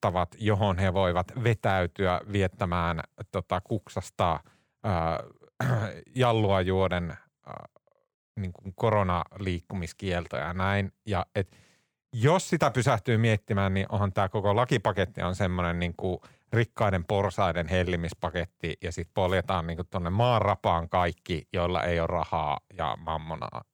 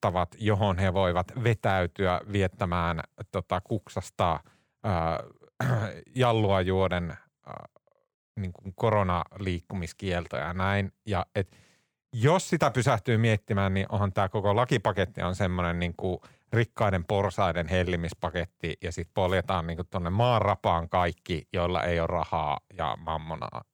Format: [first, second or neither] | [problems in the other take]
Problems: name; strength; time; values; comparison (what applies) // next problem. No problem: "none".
neither | none